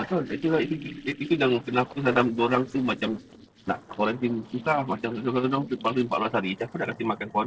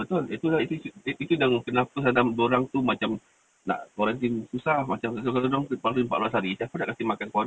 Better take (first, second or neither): second